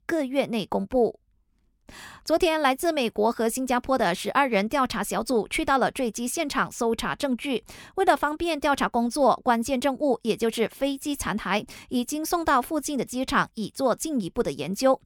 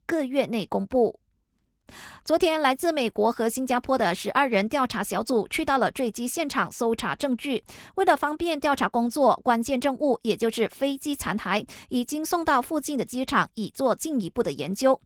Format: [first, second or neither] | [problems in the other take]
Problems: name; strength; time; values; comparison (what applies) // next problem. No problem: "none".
first | garbled, watery; slightly; nothing above 18.5 kHz